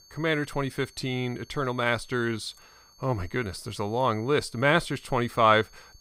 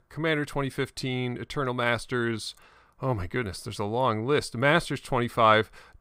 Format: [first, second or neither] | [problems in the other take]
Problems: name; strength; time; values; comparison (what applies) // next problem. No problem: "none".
second | high-pitched whine; faint; throughout; 4.5 kHz, 25 dB below the speech